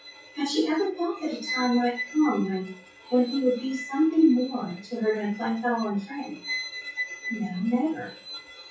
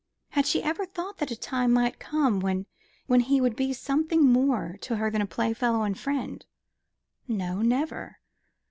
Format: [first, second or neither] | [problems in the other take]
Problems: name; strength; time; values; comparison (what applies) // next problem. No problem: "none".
second | noise reduction (classical method WPE with log-MMSE)